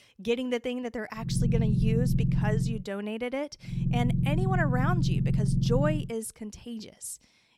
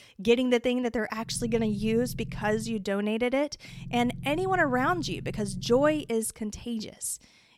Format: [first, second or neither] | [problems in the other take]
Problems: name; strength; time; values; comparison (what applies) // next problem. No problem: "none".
second | low rumble; loud; from 1.5 to 2.5 s and from 4 to 6 s; 4 dB below the speech; faint in the second